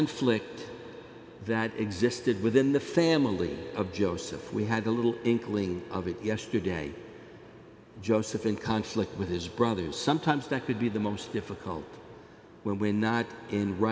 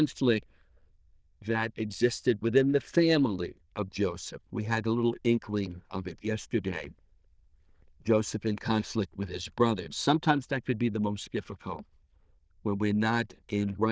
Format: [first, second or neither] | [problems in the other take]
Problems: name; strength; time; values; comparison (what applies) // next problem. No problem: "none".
first | noise reduction (neural diffusion model UNIVERSE++)